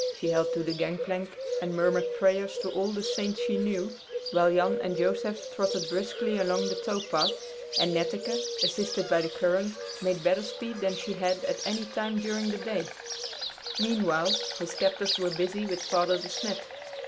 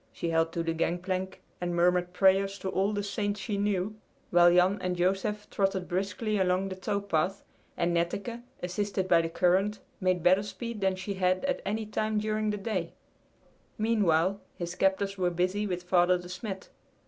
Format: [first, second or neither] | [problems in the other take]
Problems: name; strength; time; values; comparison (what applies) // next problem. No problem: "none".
second | background sound (Bird); 5 dB below the speech